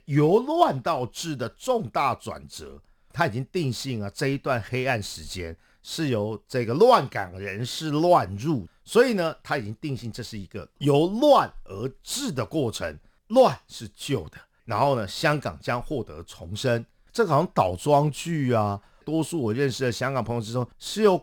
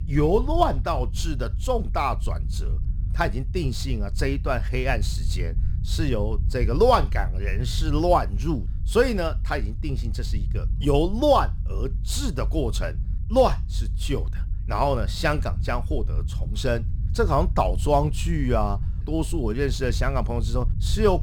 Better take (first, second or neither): first